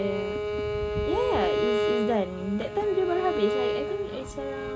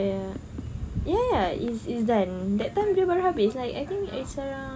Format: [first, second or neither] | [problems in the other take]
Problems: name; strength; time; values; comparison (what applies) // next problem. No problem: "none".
second | background sound (Bowed string instrument); as loud as the speech